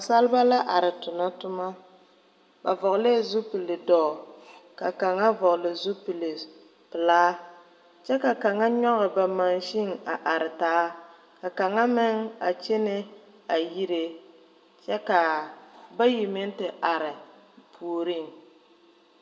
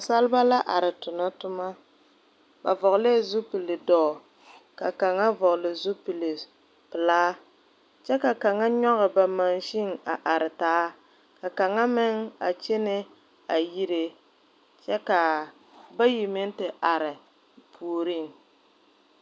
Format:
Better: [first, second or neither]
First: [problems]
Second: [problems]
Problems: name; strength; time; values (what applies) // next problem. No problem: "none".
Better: second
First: room echo; dies away in 1.2 s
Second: none